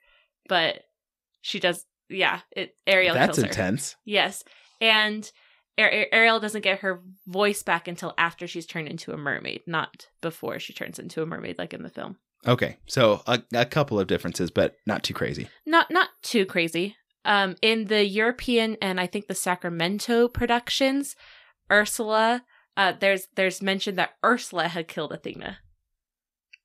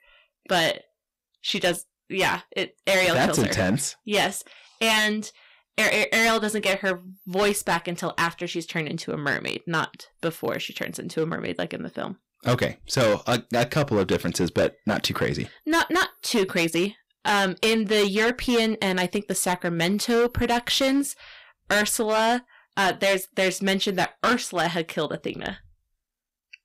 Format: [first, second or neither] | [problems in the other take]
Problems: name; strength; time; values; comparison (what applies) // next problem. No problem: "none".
first | distortion; heavy; 9% of the sound clipped